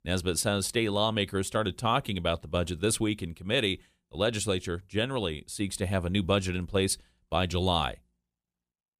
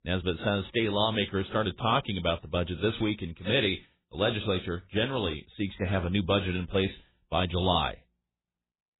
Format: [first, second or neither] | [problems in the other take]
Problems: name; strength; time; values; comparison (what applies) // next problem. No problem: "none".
first | garbled, watery; badly; nothing above 4 kHz